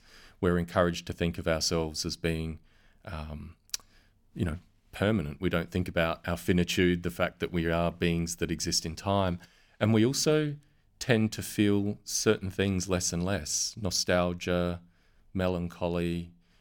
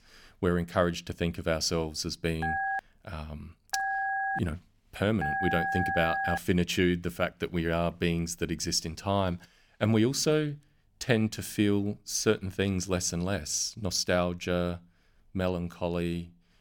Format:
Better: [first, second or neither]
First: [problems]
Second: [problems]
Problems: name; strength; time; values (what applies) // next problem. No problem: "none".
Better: first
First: none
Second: phone ringing; loud; from 2.5 to 6.5 s; peak level with the speech